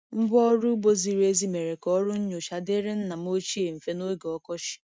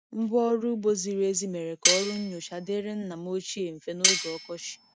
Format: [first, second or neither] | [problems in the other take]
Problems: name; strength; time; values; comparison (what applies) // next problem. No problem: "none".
first | background sound (Cutlery, silverware); 2 dB above the speech